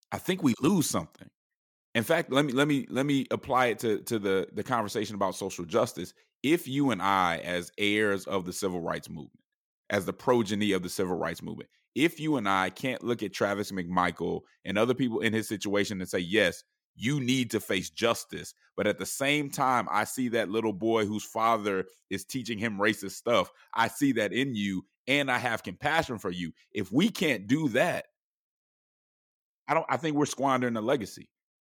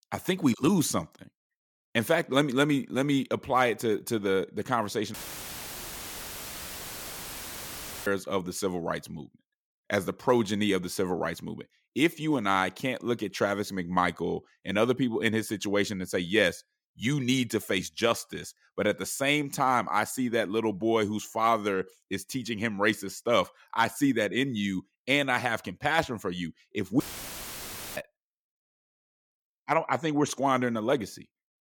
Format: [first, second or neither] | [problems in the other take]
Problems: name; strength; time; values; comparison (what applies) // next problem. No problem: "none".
first | audio cutting out; filled with static; at 5 s for 3 s and at 27 s for 1 s